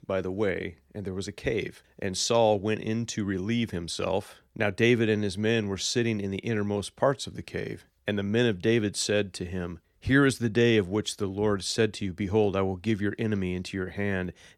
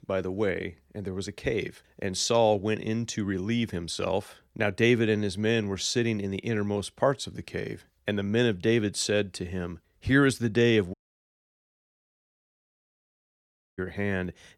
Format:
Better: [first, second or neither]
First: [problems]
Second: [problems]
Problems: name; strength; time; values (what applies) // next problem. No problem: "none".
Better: first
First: none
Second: audio cutting out; at 11 s for 3 s